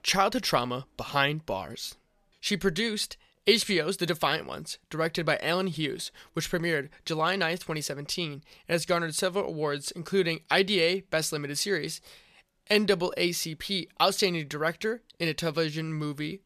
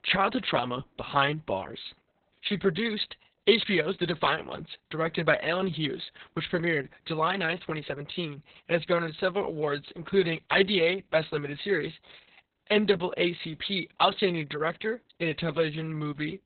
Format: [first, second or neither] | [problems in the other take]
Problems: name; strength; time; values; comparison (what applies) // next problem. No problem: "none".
first | garbled, watery; badly; nothing above 4 kHz